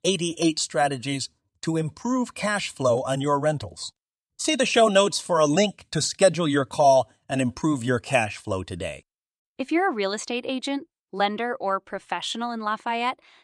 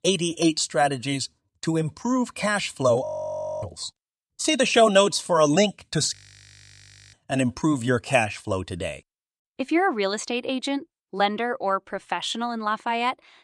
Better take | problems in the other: first | audio freezing; at 3 s for 0.5 s and at 6 s for 1 s

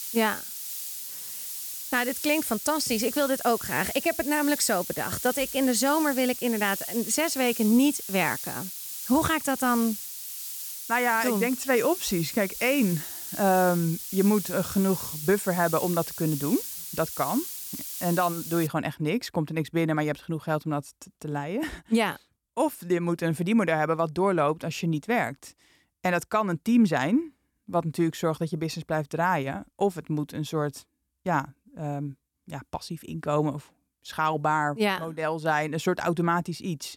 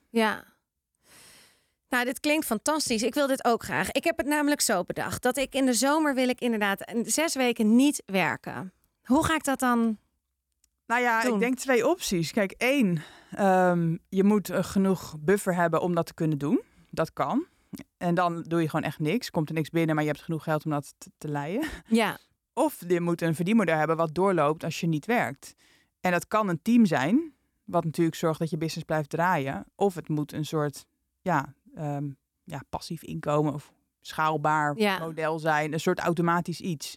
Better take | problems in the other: second | hiss; loud; until 19 s; 7 dB below the speech

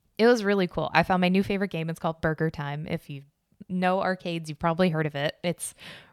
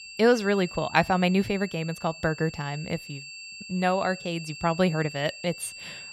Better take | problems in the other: first | high-pitched whine; noticeable; throughout; 2.5 kHz, 15 dB below the speech

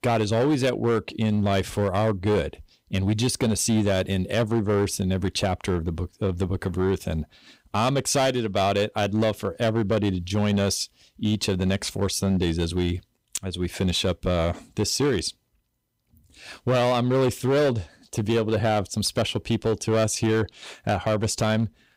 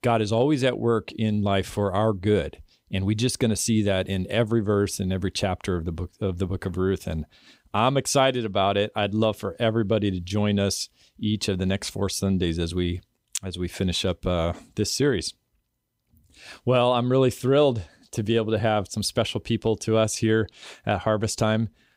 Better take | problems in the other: second | distortion; slight; 9% of the sound clipped

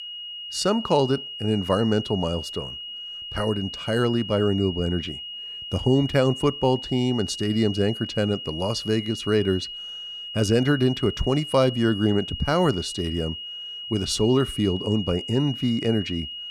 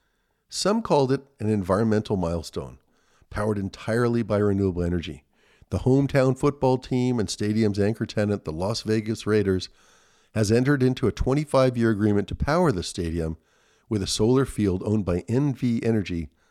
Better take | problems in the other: second | high-pitched whine; loud; throughout; 3 kHz, 9 dB below the speech

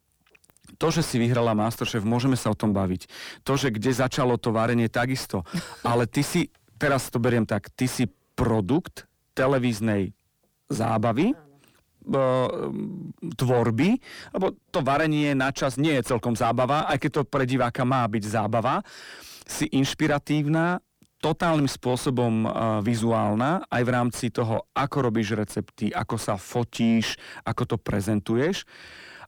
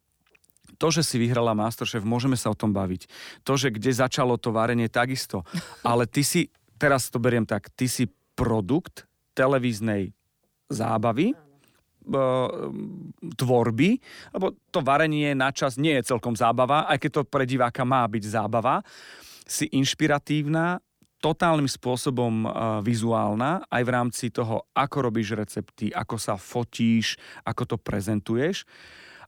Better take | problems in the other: second | distortion; slight; 10 dB below the speech

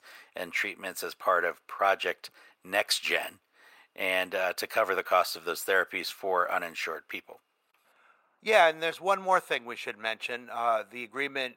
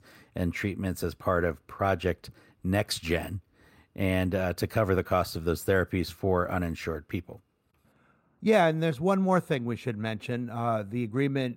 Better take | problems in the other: second | thin; very; fading below 800 Hz

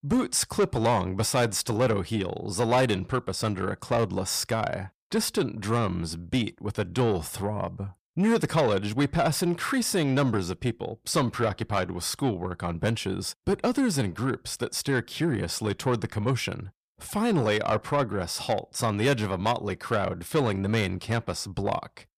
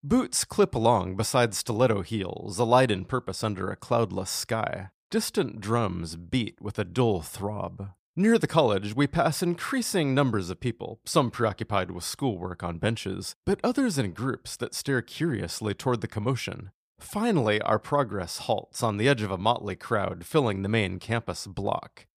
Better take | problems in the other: second | distortion; slight; 10 dB below the speech

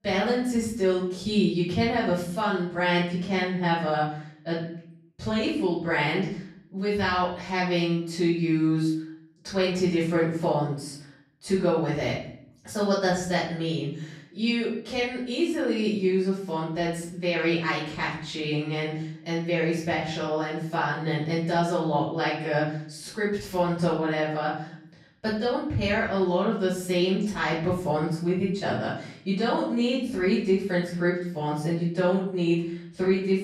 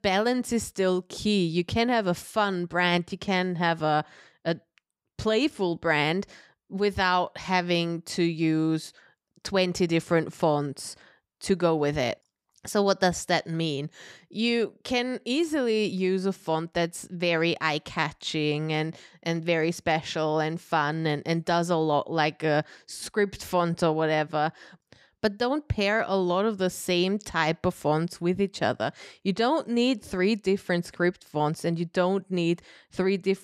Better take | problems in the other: second | off-mic speech; far // room echo; noticeable; dies away in 0.6 s

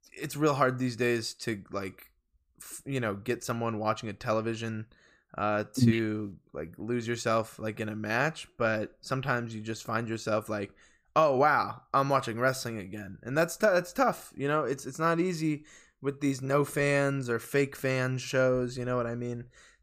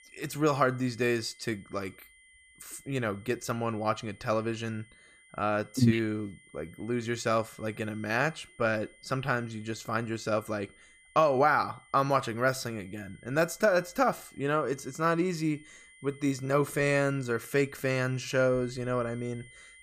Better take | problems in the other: first | high-pitched whine; faint; throughout; 2 kHz, 25 dB below the speech

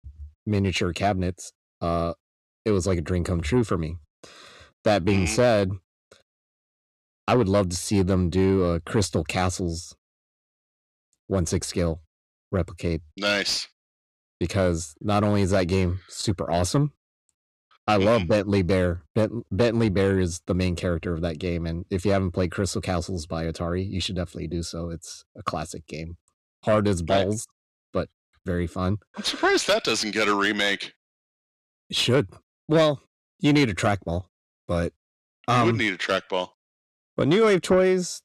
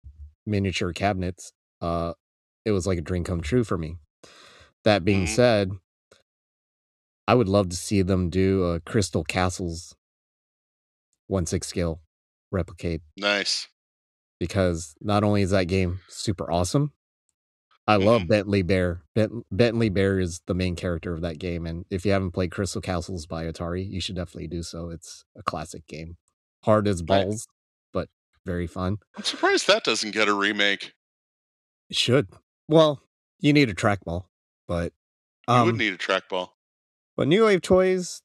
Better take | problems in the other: second | distortion; slight; 10 dB below the speech

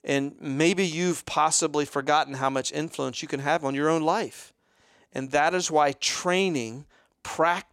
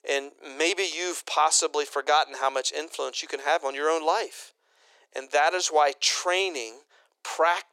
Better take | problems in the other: first | thin; very; fading below 400 Hz

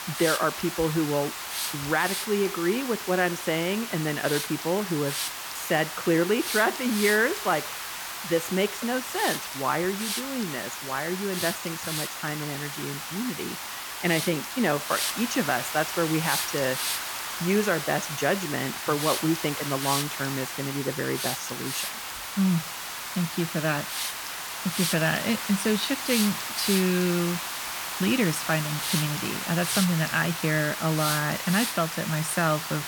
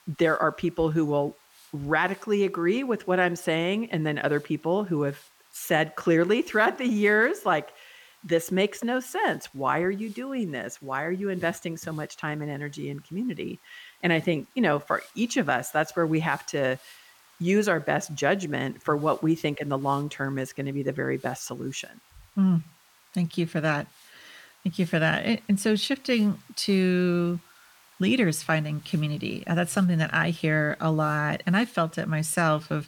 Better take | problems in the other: second | hiss; loud; throughout; 3 dB below the speech; faint in the second

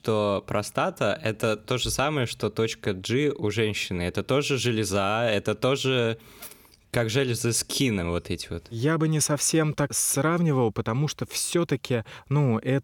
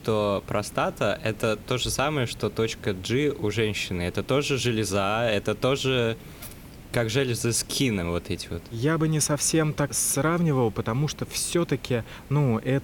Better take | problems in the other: first | hiss; noticeable; throughout; 20 dB below the speech

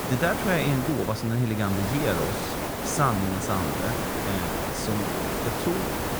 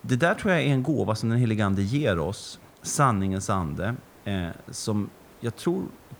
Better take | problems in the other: second | hiss; loud; throughout; 1 dB below the speech; faint in the second

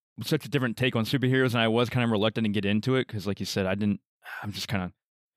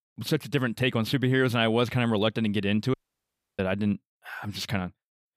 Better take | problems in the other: first | audio cutting out; at 3 s for 0.5 s

